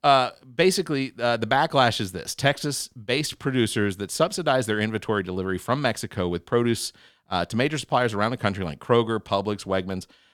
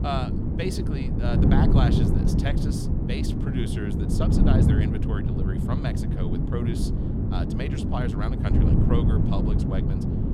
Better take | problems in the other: first | wind noise on the microphone; heavy; 2 dB above the speech

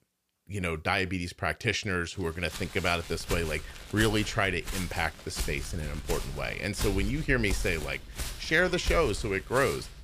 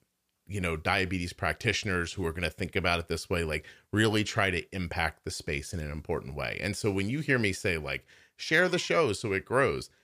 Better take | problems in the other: second | footsteps; noticeable; from 2.5 s on; peak 4 dB below the speech

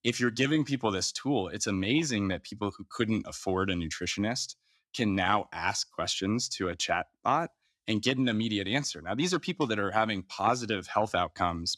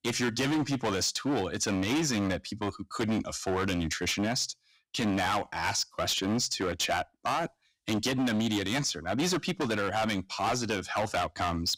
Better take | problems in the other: first | distortion; heavy; 17% of the sound clipped

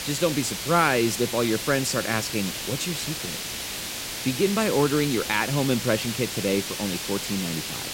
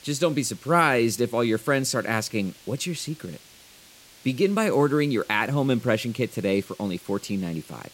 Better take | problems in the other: second | hiss; loud; throughout; 4 dB below the speech; faint in the second

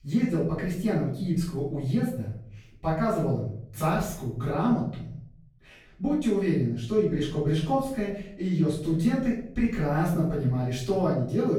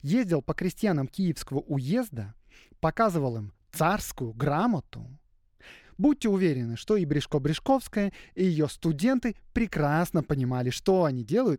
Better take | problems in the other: second | room echo; noticeable; dies away in 0.6 s // off-mic speech; far

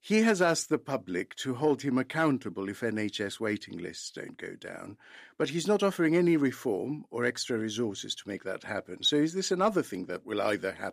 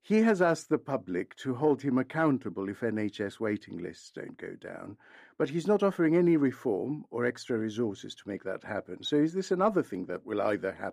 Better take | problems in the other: first | muffled; slightly; fading above 2 kHz

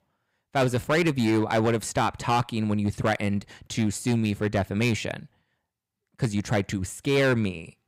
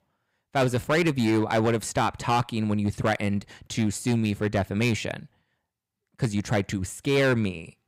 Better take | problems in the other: neither | distortion; slight; 6% of the sound clipped; the same in both

